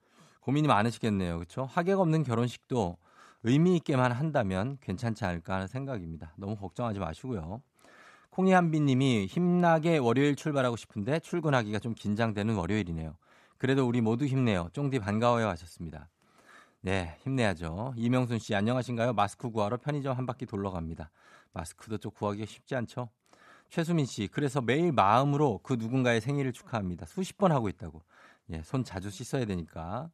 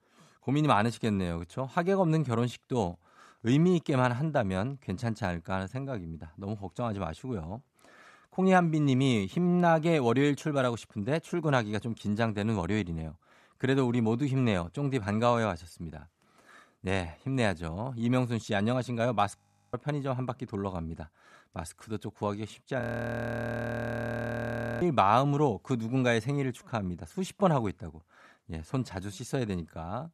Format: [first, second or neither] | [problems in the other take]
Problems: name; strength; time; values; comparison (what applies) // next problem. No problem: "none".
first | audio freezing; at 19 s and at 23 s for 2 s